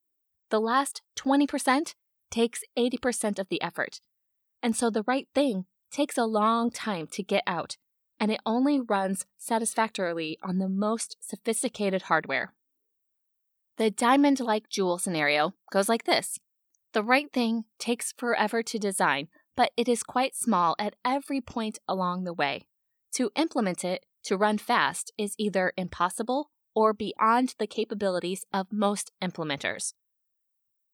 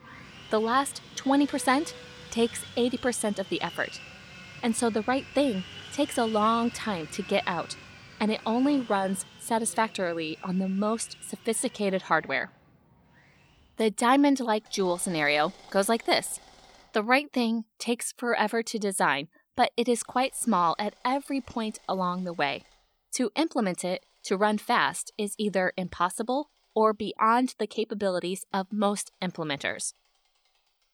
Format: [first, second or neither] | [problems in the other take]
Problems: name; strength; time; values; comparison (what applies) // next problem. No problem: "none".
first | machinery noise; noticeable; throughout; 20 dB below the speech